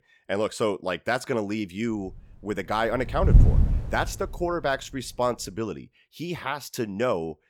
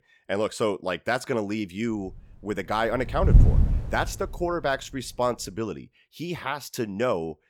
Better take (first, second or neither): neither